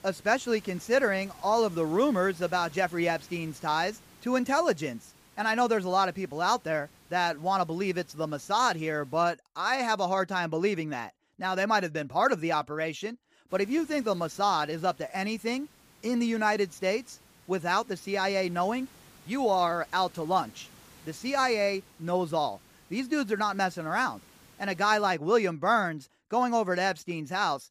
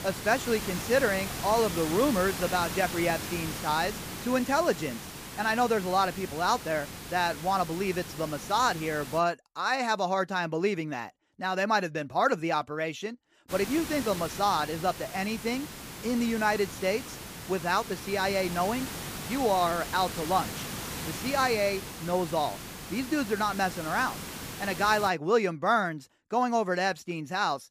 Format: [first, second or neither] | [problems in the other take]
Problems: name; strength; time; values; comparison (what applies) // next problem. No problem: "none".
first | hiss; loud; until 9 s and from 14 to 25 s; 9 dB below the speech; faint in the first